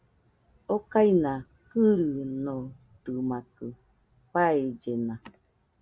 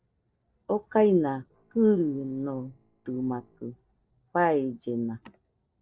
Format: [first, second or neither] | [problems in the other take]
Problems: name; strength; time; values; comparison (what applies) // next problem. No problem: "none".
first | noise reduction (neural separator model SepFormer DNS4)